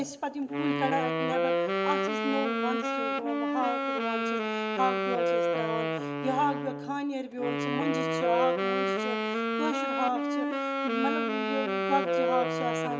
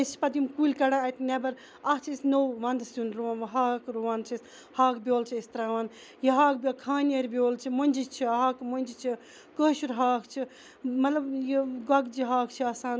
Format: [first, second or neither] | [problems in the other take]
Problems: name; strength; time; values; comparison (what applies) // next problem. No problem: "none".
second | background sound (Wind instrument, woodwind instrument); 4 dB above the speech // room echo; dies away in 1 s